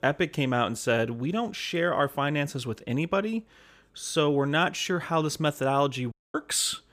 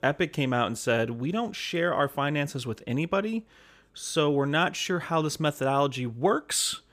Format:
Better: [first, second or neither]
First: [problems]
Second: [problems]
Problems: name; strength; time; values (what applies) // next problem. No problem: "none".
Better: second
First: audio cutting out; at 6 s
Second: none